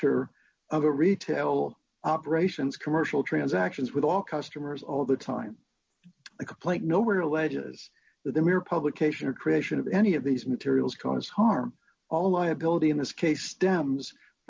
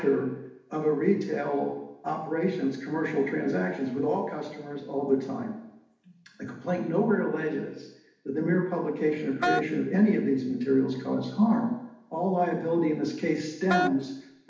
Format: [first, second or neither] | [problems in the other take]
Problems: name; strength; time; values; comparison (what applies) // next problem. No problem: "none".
first | background sound (Wind instrument, woodwind instrument); 2 dB below the speech // room echo; dies away in 0.8 s